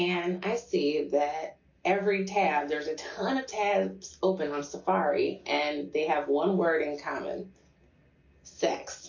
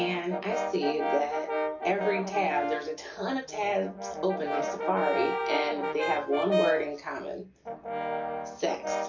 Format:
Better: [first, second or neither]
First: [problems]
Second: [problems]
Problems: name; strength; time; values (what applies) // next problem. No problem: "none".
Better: first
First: none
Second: background sound (Brass instrument); 1 dB below the speech